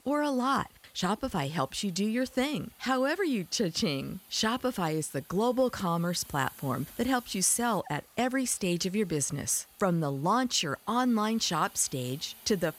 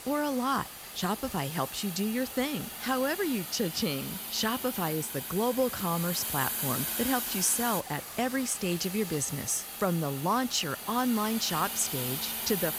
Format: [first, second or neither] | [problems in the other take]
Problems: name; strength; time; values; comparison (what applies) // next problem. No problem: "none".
first | hiss; loud; throughout; 4 dB below the speech; faint in the first